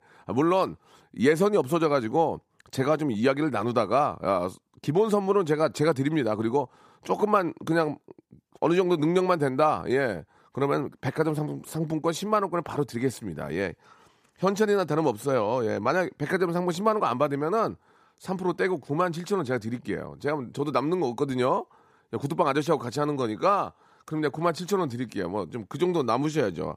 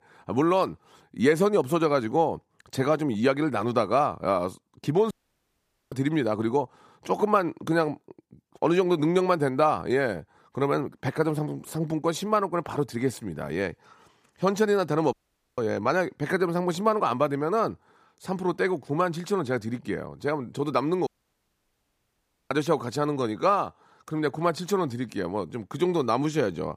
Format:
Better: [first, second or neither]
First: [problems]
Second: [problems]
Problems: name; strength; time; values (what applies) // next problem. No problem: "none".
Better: first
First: none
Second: audio cutting out; at 5 s for 1 s, at 15 s and at 21 s for 1.5 s